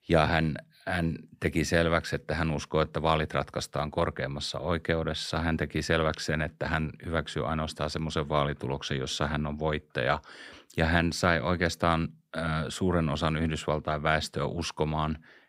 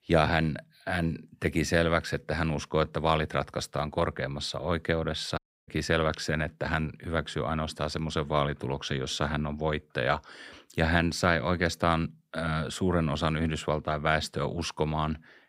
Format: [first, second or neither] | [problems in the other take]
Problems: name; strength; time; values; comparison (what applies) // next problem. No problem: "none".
first | audio cutting out; at 5.5 s